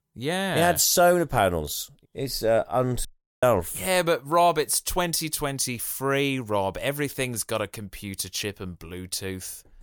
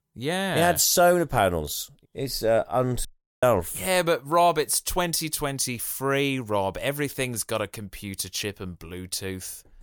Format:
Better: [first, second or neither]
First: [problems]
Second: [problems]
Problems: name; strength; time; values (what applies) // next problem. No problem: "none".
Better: neither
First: audio cutting out; at 3 s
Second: audio cutting out; at 3 s